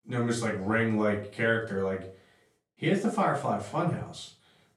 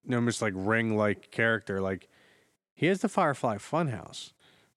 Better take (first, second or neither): second